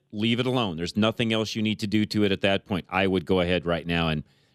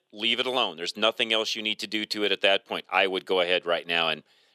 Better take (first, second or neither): first